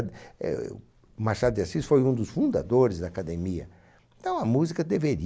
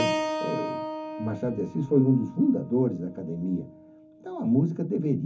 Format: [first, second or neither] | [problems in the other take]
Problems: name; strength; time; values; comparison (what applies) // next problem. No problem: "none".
first | background sound (Keyboard (musical)); 8 dB below the speech // room echo; dies away in 0.3 s